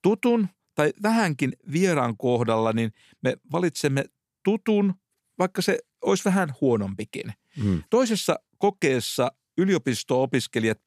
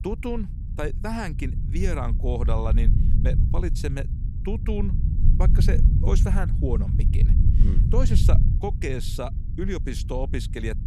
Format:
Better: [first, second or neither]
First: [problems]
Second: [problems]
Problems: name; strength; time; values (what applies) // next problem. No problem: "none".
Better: first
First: none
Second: low rumble; loud; throughout; 6 dB below the speech